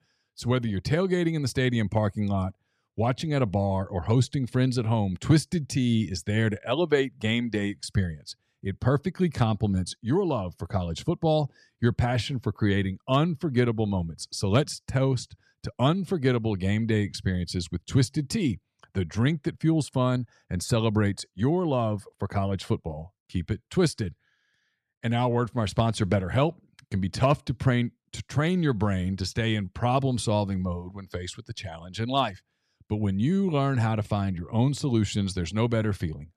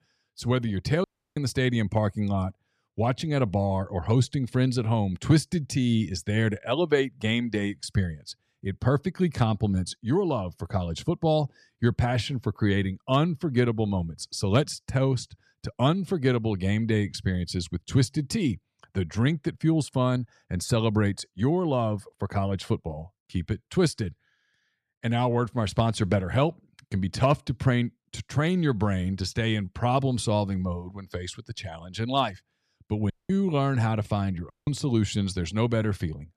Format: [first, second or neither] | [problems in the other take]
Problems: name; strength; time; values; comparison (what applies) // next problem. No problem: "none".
first | audio cutting out; at 1 s, at 33 s and at 35 s